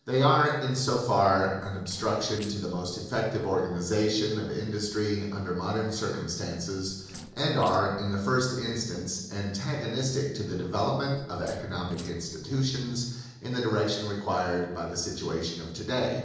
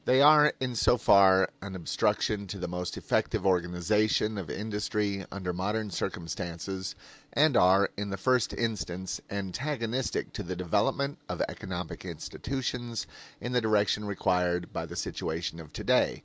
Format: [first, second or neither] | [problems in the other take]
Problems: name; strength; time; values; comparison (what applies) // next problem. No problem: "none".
second | noise reduction (neural separator model SepFormer DNS4)